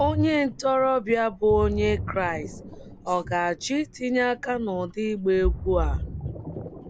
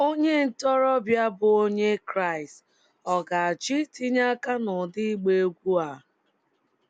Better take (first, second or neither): second